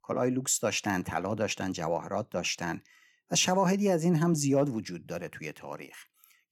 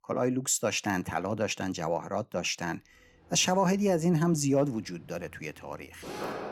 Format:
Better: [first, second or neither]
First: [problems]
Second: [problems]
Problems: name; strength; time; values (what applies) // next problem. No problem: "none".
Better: first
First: none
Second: machinery noise; noticeable; from 3 s on; 15 dB below the speech